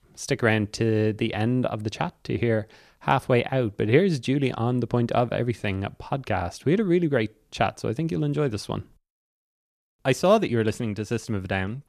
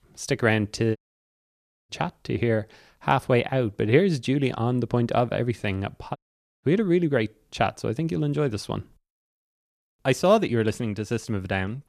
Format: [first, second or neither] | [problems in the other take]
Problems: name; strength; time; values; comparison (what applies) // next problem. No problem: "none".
first | audio cutting out; at 1 s for 1 s and at 6 s